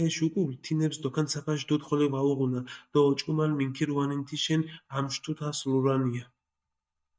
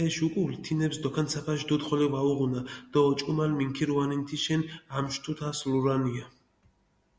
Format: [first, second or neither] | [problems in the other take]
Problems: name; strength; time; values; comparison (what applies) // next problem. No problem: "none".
second | noise reduction (neural mask model DeepFilterNet 3)